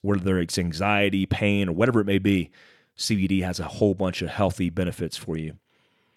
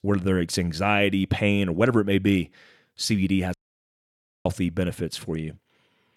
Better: first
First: none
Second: audio cutting out; at 3.5 s for 1 s

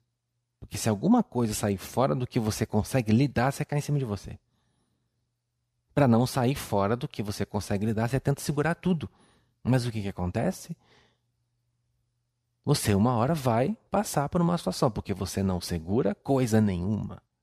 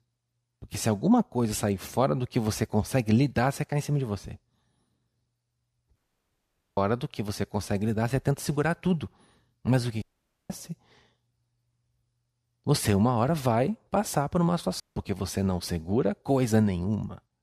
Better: first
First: none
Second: audio cutting out; at 6 s for 1 s, at 10 s and at 15 s

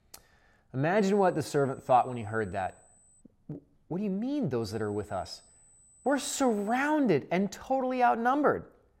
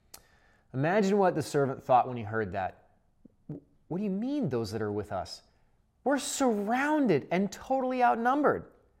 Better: second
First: high-pitched whine; faint; from 1 to 3 s and from 4.5 to 7 s; 8 kHz, 30 dB below the speech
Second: none

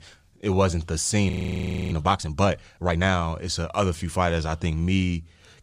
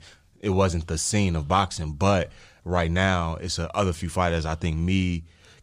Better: second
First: audio freezing; at 1.5 s for 0.5 s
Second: none

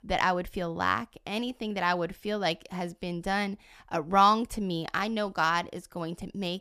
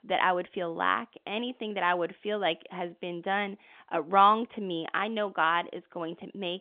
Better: first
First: none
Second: phone-call audio; nothing above 3.5 kHz

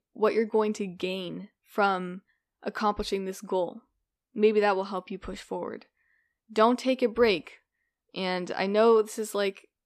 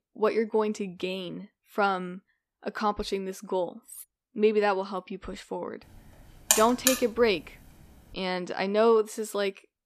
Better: first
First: none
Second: clattering dishes; faint; at 4 s; peak 15 dB below the speech // alarm; loud; at 6.5 s; peak 4 dB above the speech

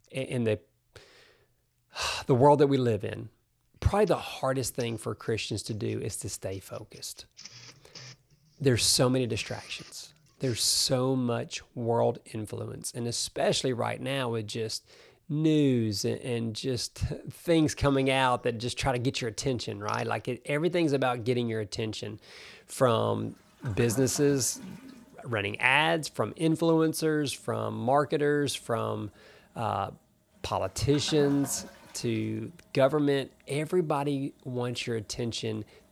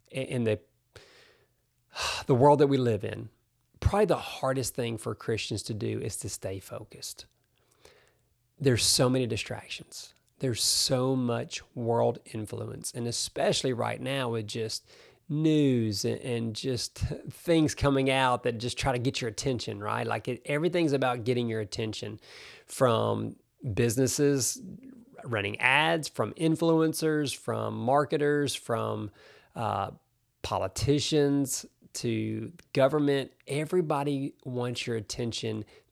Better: second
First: household noises; faint; throughout; 20 dB below the speech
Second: none

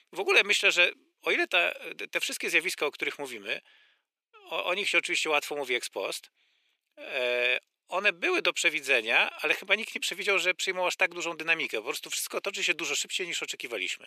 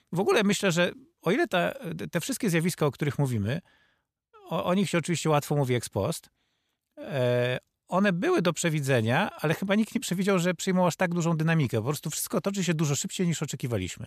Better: second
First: thin; very; fading below 350 Hz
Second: none

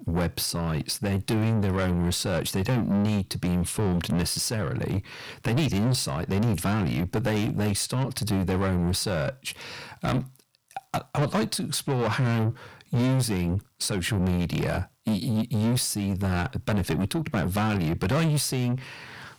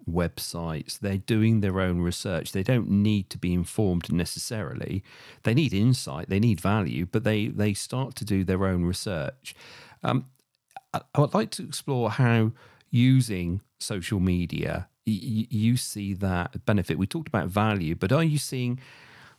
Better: second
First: distortion; heavy; 6 dB below the speech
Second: none

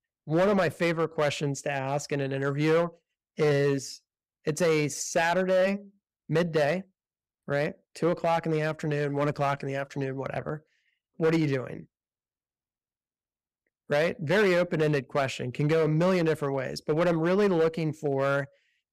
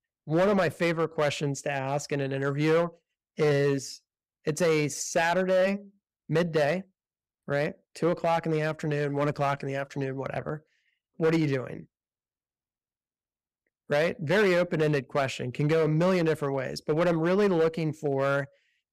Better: neither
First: distortion; slight; 5% of the sound clipped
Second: distortion; slight; 5% of the sound clipped

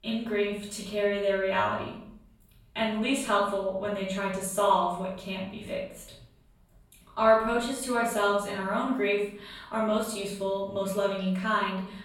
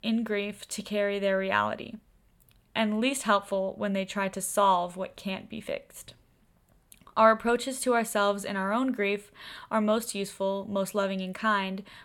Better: second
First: off-mic speech; far // room echo; noticeable; dies away in 0.6 s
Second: none

